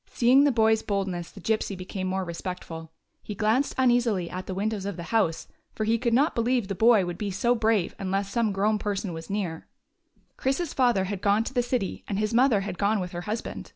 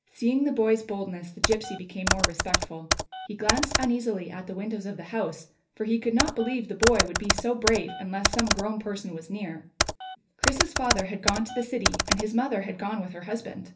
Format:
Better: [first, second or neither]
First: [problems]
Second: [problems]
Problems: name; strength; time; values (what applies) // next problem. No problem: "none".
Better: first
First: none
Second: background sound (Computer keyboard); as loud as the speech // room echo; dies away in 0.3 s